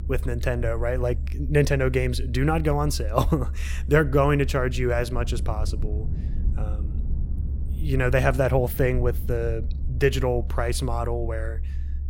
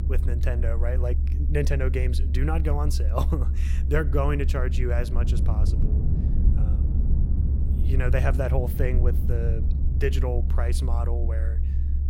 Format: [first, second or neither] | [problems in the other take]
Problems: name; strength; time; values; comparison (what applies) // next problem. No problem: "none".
first | low rumble; loud; throughout; 9 dB below the speech; faint in the first